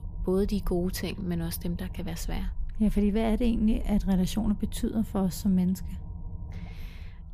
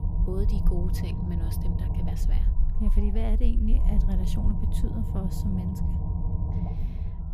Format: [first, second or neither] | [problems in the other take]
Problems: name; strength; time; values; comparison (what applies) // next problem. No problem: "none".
first | low rumble; loud; throughout; 2 dB below the speech; faint in the first